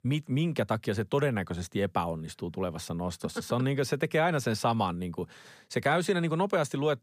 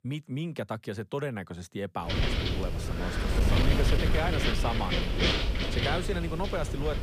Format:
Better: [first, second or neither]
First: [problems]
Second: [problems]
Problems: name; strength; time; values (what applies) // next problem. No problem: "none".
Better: first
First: none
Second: wind noise on the microphone; heavy; from 2 s on; 3 dB above the speech